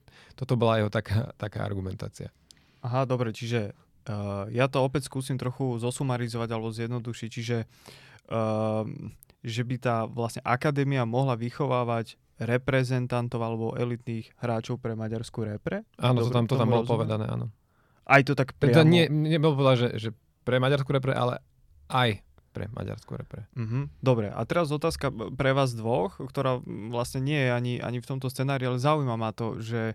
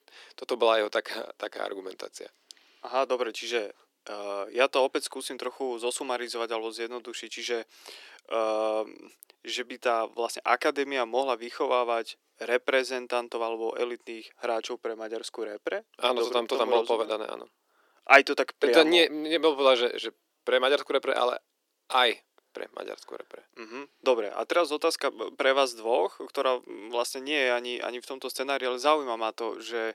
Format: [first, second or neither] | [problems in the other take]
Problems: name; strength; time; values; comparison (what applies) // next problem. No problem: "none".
first | thin; very; fading below 300 Hz